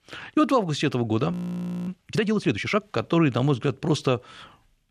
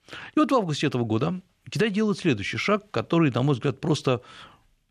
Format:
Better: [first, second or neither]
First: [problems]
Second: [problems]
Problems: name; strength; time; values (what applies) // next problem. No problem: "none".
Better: second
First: audio freezing; at 1.5 s for 0.5 s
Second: none